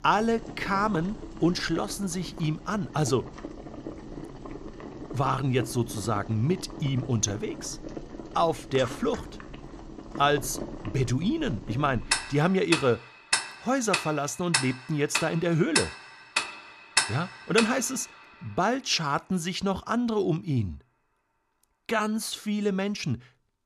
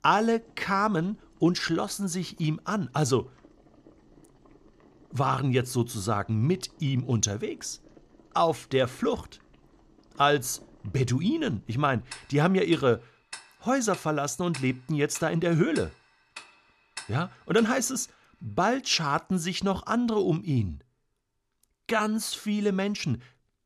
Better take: second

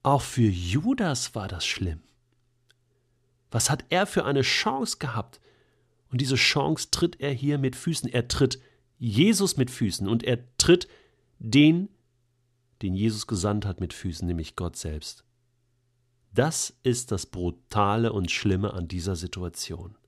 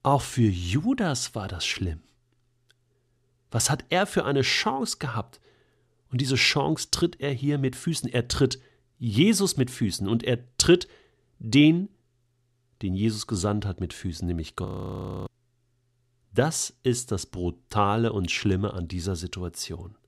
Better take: first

